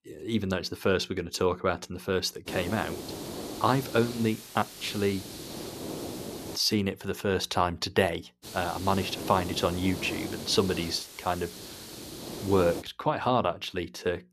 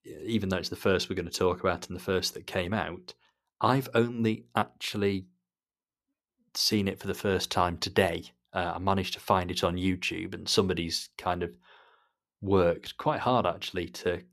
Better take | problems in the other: second | hiss; loud; from 2.5 to 6.5 s and from 8.5 to 13 s; 10 dB below the speech

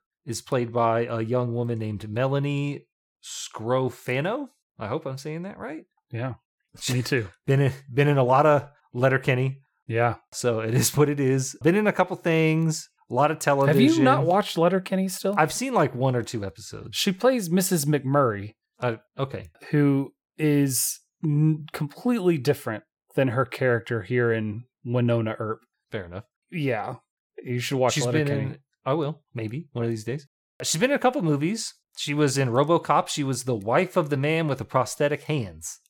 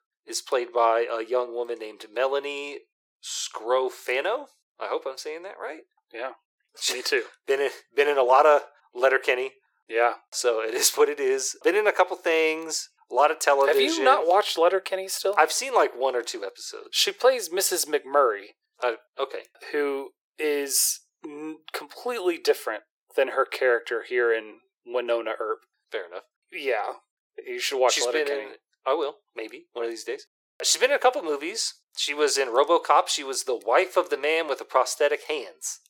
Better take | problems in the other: first | thin; very; fading below 400 Hz

